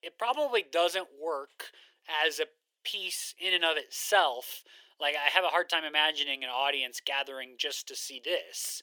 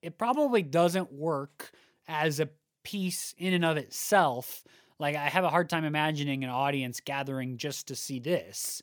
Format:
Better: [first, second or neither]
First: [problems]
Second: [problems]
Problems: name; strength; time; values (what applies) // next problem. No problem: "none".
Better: second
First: thin; very; fading below 400 Hz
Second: none